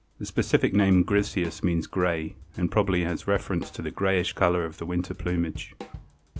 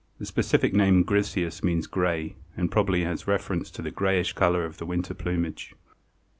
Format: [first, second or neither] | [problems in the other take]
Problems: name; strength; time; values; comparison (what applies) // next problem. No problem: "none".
second | background sound (Drum / Drum kit); 19 dB below the speech